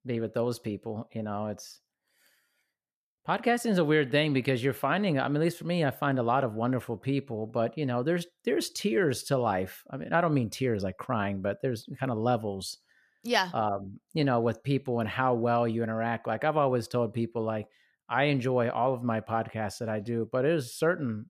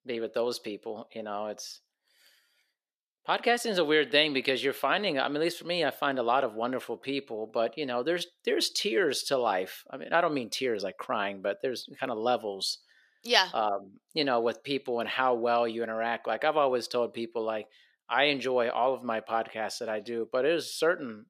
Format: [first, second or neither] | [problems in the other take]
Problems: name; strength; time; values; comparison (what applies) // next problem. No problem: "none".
first | thin; somewhat; fading below 400 Hz